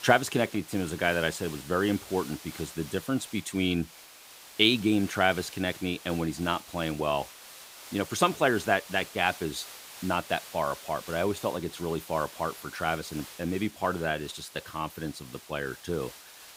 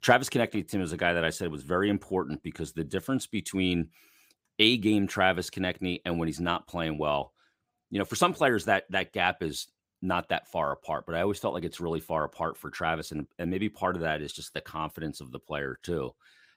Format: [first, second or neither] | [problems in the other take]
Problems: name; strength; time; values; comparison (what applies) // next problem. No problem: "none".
second | hiss; noticeable; throughout; 15 dB below the speech